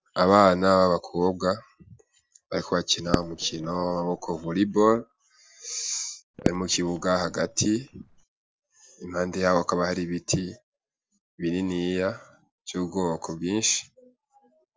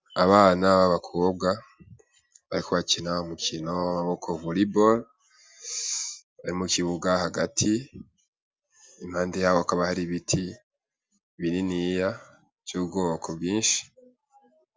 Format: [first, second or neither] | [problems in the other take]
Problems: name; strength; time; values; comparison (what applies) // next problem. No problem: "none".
second | noise reduction (neural separator model SepFormer DNS4)